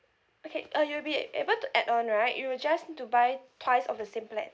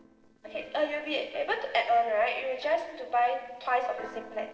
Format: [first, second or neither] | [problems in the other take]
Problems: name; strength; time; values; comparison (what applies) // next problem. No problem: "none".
first | noise reduction (neural separator model SepFormer DNS4)